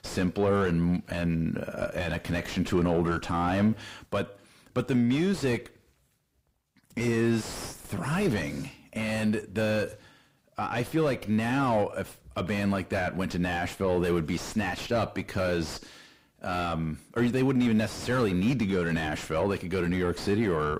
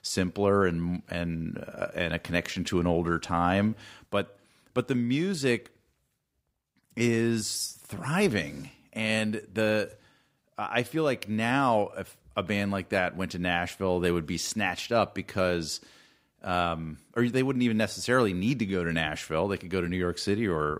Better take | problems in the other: second | distortion; heavy; 5 dB below the speech

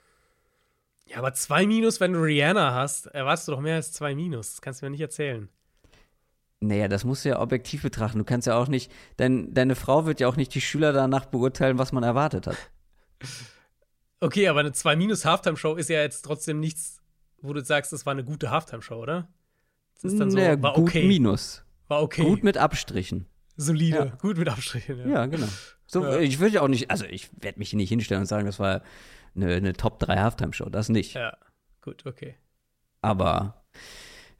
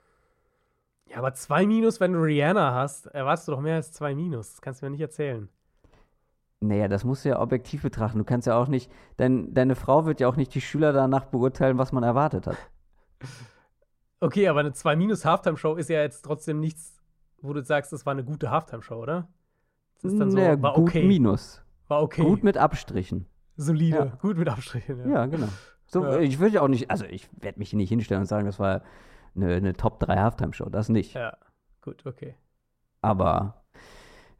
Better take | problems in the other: first | muffled; slightly; fading above 1.5 kHz

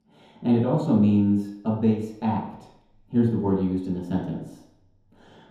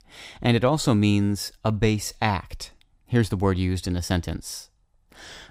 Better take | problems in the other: second | room echo; noticeable; dies away in 0.9 s // off-mic speech; far

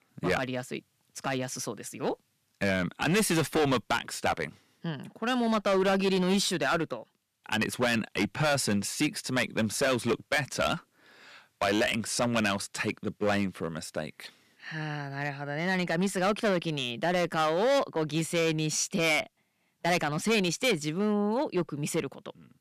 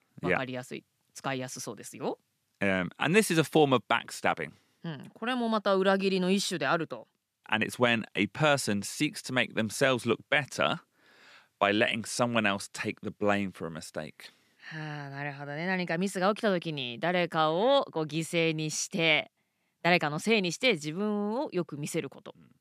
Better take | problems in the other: second | distortion; heavy; 7% of the sound clipped

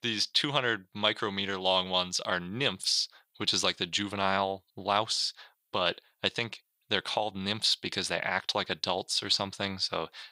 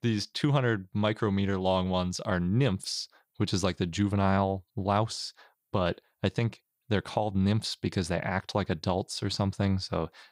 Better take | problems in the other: second | thin; somewhat; fading below 850 Hz

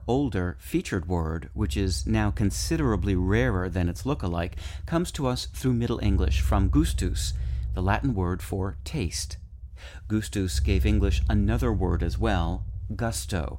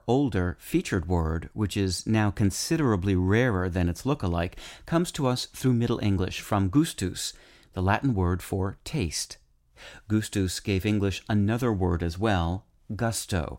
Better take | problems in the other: second | low rumble; noticeable; throughout; 20 dB below the speech

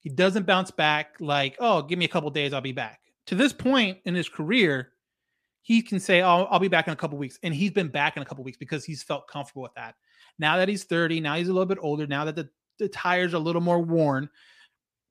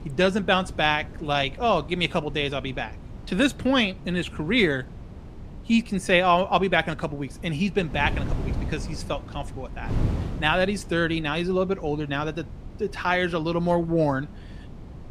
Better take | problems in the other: first | wind noise on the microphone; occasional gusts; 20 dB below the speech

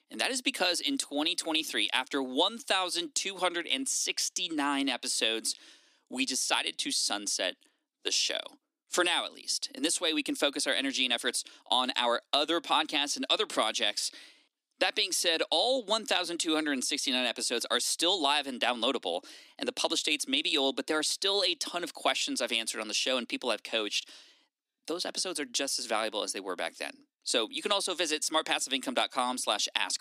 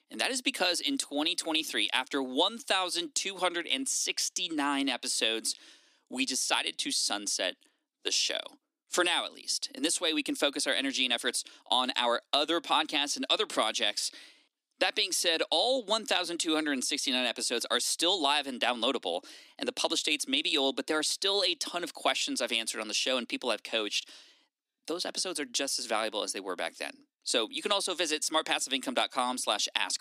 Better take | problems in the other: neither | thin; somewhat; fading below 300 Hz; the same in both

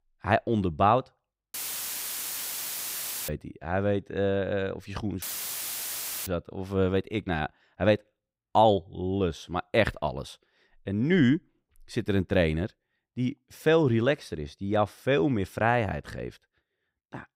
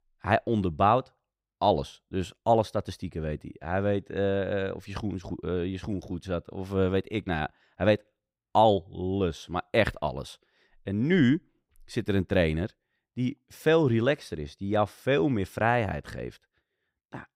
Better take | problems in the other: second | audio cutting out; filled with static; at 1.5 s for 1.5 s and at 5 s for 1 s

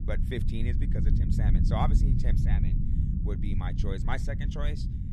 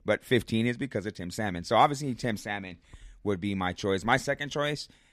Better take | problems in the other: second | low rumble; loud; throughout; 3 dB below the speech

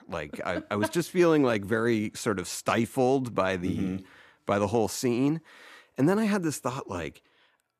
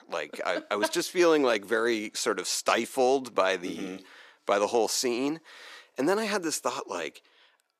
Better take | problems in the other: first | thin; somewhat; fading below 450 Hz

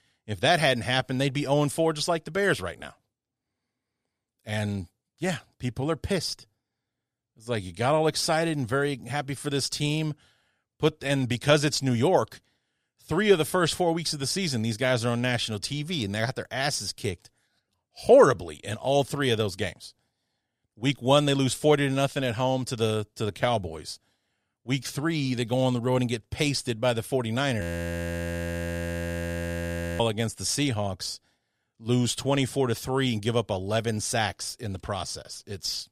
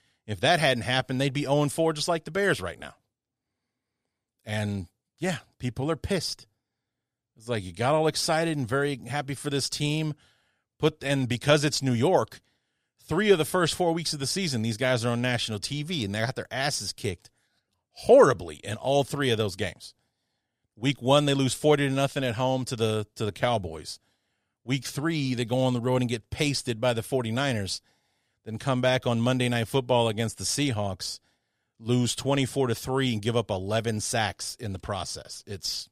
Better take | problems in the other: second | audio freezing; at 28 s for 2.5 s

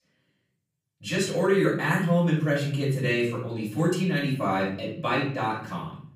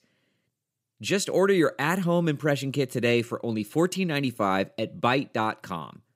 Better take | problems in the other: second | off-mic speech; far // room echo; noticeable; dies away in 0.7 s

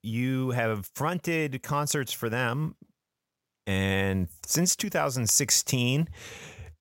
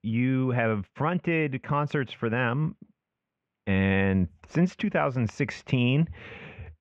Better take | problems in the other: first | muffled; very; fading above 2.5 kHz

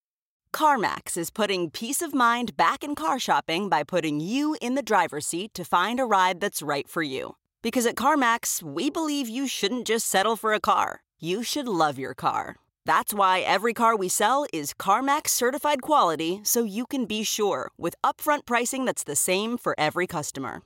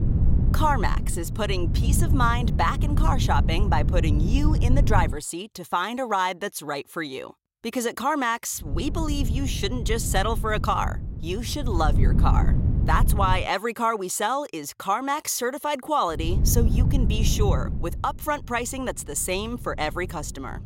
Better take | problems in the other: first | wind noise on the microphone; occasional gusts; until 5 s, from 8.5 to 13 s and from 16 s on; 10 dB below the speech

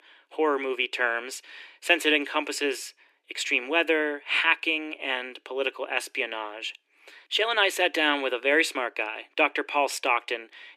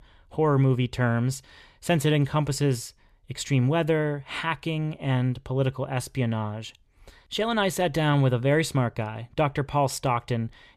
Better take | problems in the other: second | thin; very; fading below 300 Hz

